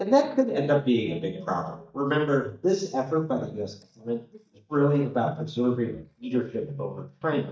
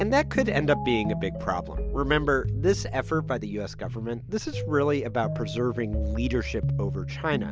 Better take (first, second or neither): second